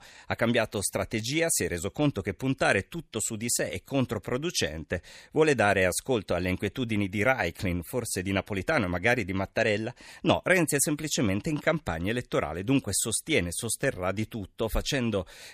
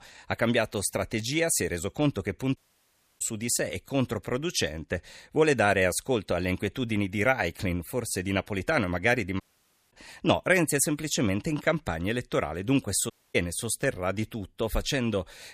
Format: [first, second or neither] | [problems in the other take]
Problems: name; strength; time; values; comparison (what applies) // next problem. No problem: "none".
first | audio cutting out; at 2.5 s for 0.5 s, at 9.5 s for 0.5 s and at 13 s